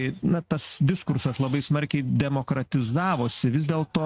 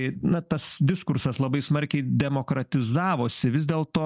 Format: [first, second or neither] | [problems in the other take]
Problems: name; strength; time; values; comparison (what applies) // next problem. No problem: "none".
second | noise reduction (neural mask model RNNoise)